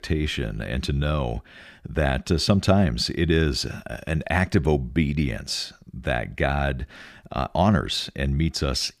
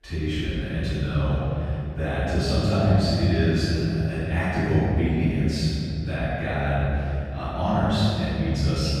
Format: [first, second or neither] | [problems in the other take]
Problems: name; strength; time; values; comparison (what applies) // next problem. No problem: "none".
first | off-mic speech; far // room echo; strong; dies away in 3 s